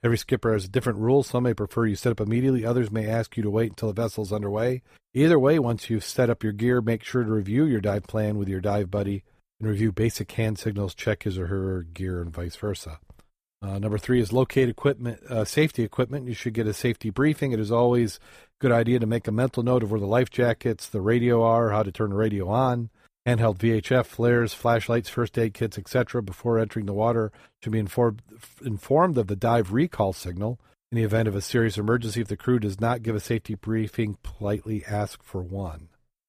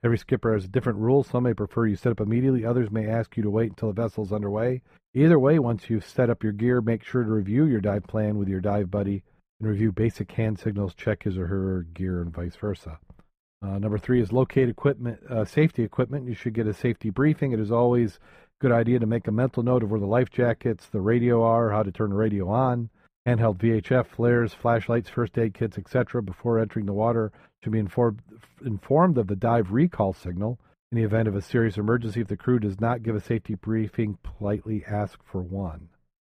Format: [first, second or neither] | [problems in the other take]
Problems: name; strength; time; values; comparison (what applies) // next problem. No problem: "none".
first | muffled; slightly; fading above 3.5 kHz